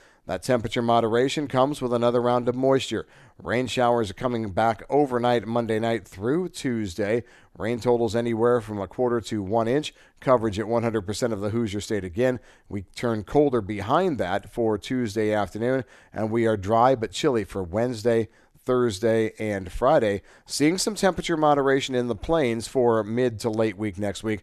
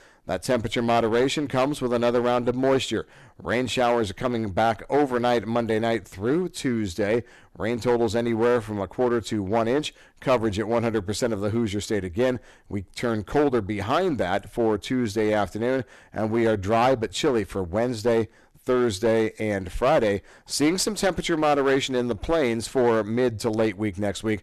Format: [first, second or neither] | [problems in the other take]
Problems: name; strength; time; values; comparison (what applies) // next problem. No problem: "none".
first | distortion; slight; 8% of the sound clipped